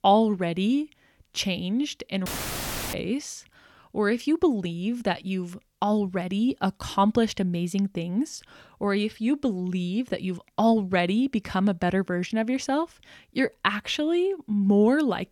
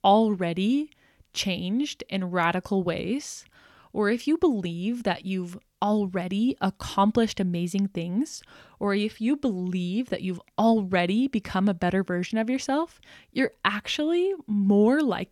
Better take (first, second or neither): second